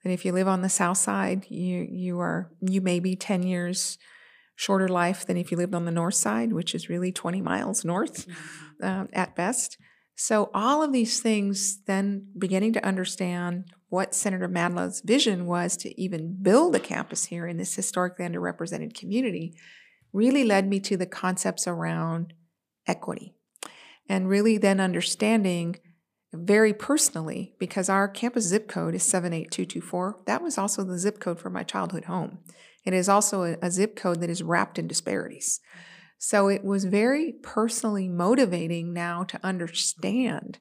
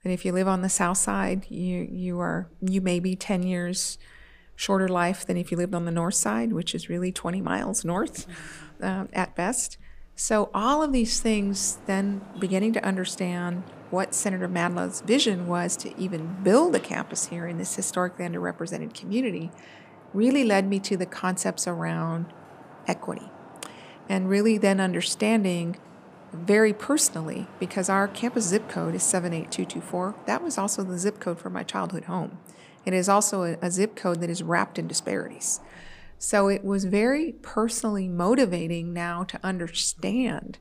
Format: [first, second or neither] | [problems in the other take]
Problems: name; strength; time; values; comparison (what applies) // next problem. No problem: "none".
first | traffic noise; faint; throughout; 20 dB below the speech